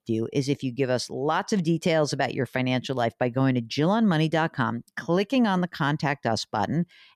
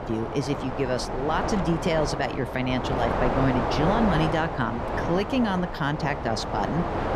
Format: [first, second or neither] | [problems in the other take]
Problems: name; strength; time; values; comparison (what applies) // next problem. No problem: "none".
first | wind noise on the microphone; heavy; 1 dB below the speech